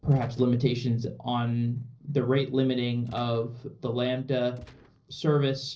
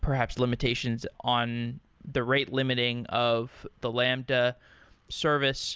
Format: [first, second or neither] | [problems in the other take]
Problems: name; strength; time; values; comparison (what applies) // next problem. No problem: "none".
second | noise reduction (neural separator model SepFormer DNS4)